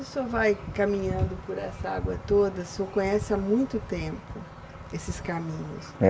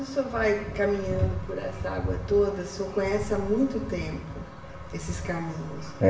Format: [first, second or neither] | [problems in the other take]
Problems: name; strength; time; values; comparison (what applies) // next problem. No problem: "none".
first | room echo; dies away in 0.8 s